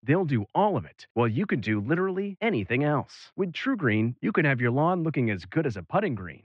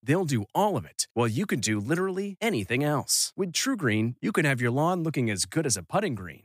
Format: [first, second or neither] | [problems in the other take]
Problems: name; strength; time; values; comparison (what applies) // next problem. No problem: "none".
second | muffled; very; fading above 3 kHz